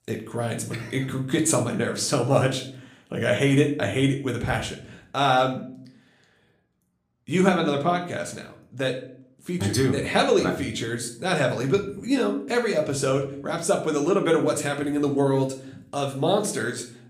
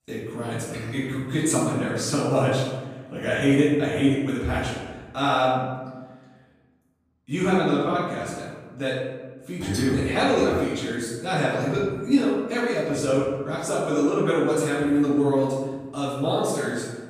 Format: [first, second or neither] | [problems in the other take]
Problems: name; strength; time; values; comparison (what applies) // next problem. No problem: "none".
first | room echo; strong; dies away in 1.2 s; slight in the first // off-mic speech; far; somewhat distant in the first